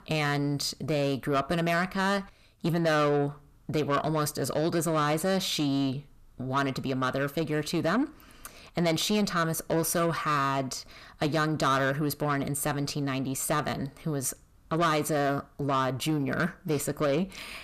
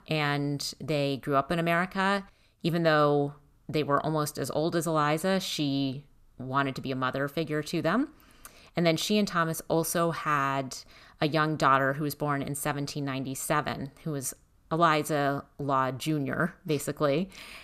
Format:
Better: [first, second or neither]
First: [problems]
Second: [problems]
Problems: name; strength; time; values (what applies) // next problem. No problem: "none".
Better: second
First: distortion; slight; 10 dB below the speech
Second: none